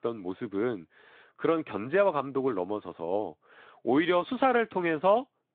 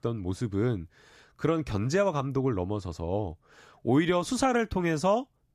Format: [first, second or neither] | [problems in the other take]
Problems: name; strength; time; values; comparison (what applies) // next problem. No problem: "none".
second | phone-call audio